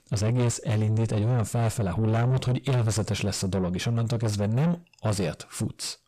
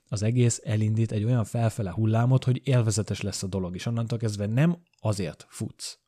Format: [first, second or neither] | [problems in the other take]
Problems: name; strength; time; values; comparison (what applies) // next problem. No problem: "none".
second | distortion; heavy; 6 dB below the speech